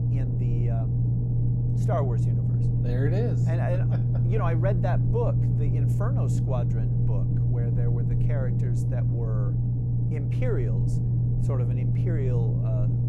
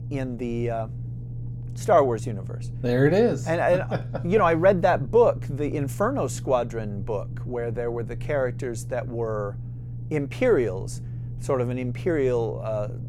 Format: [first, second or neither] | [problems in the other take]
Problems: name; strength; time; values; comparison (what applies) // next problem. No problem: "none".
second | low rumble; loud; throughout; as loud as the speech; faint in the second